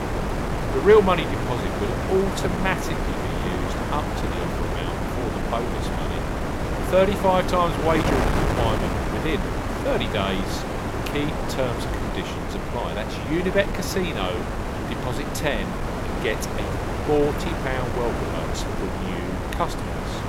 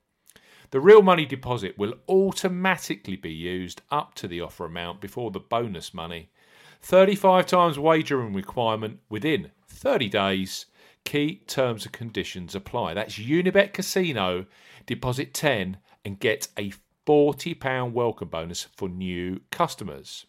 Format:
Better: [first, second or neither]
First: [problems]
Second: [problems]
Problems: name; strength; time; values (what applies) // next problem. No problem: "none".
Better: second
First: wind noise on the microphone; heavy; 3 dB below the speech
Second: none